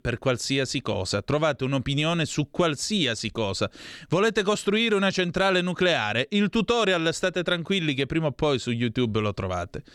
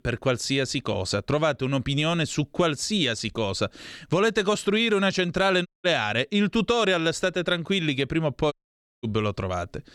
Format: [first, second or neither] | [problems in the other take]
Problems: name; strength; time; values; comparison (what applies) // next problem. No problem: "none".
first | audio cutting out; at 5.5 s and at 8.5 s for 0.5 s